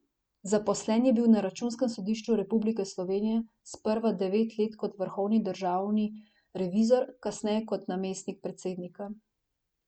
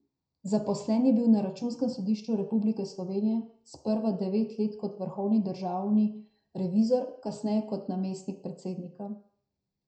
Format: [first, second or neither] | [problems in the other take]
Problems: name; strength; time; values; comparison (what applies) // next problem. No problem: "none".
first | room echo; dies away in 0.5 s